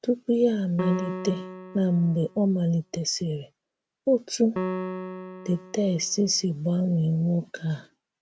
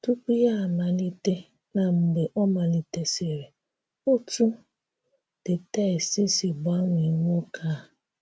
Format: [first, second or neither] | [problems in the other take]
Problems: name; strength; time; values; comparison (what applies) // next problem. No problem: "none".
second | background sound (Piano); 11 dB below the speech